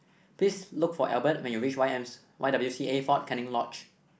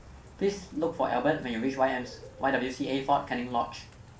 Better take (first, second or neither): first